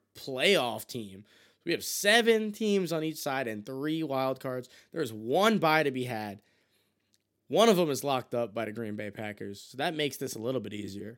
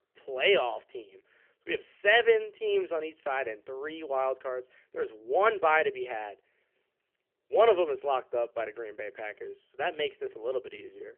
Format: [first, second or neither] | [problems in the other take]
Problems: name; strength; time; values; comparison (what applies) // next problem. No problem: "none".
first | phone-call audio; nothing above 3 kHz